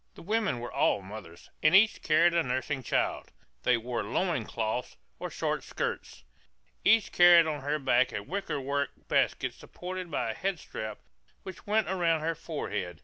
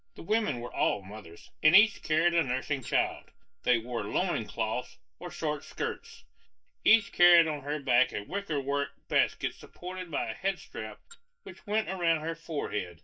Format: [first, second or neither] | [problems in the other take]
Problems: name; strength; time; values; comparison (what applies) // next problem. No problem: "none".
first | noise reduction (neural mask model DeepFilterNet 3)